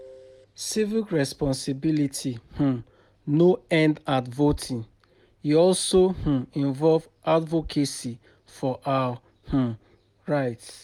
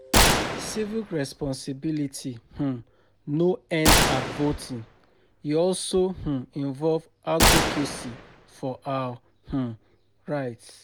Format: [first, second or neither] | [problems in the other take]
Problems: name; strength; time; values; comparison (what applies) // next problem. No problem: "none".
first | background sound (Gunshot, gunfire); 1 dB above the speech